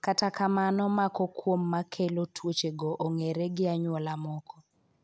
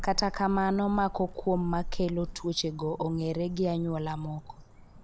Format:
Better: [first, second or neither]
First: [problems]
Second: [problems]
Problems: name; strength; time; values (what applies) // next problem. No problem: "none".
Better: first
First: none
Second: background sound (Cricket / Motor vehicle (road)); 10 dB below the speech